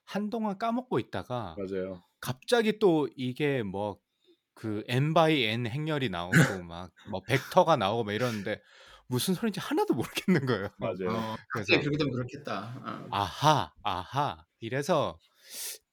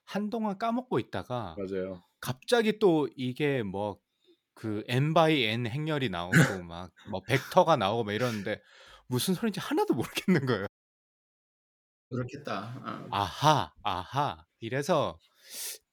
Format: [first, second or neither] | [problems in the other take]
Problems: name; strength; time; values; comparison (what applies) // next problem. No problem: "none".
first | audio cutting out; at 11 s for 1.5 s